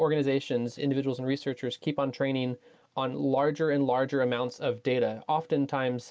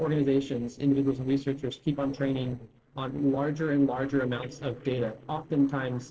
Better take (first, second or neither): first